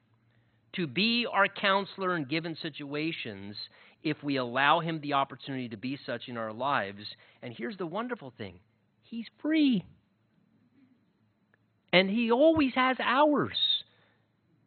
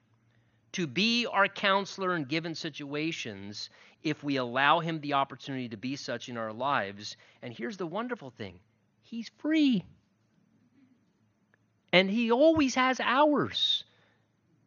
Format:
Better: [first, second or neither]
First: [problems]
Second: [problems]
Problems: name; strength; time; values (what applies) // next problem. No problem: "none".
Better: second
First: garbled, watery; badly; nothing above 4 kHz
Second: garbled, watery; slightly; nothing above 6.5 kHz